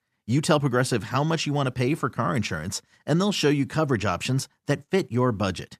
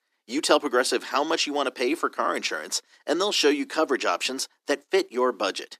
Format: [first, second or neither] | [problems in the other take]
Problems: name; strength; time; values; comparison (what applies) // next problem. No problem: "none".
first | thin; somewhat; fading below 300 Hz